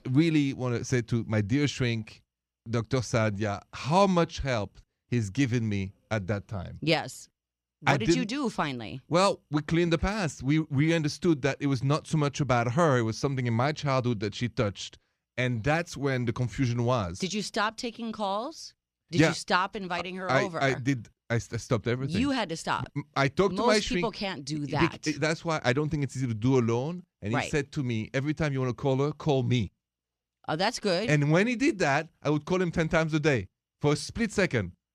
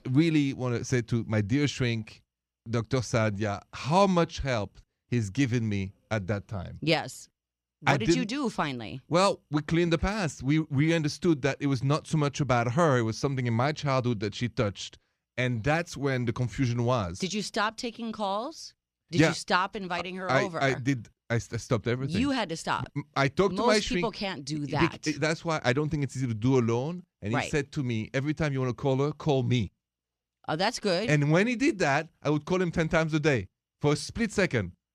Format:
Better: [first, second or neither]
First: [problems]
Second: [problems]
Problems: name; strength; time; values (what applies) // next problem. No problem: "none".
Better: neither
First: none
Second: none